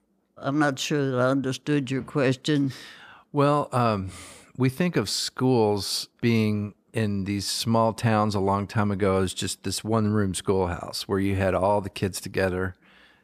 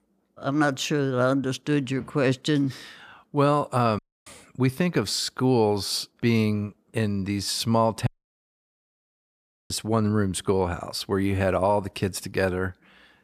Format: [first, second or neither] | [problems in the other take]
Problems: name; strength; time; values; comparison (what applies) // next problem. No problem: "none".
first | audio cutting out; at 4 s and at 8 s for 1.5 s